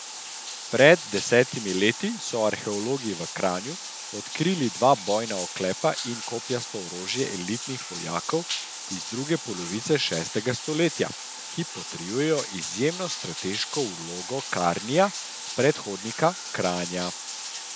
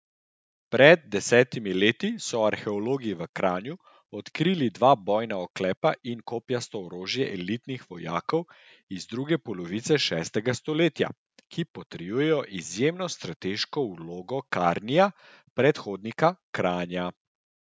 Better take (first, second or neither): second